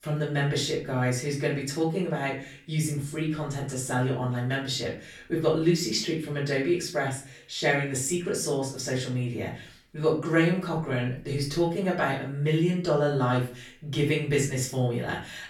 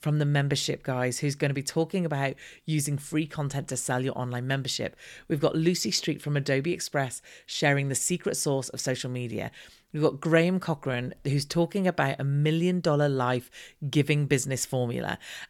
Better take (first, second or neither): second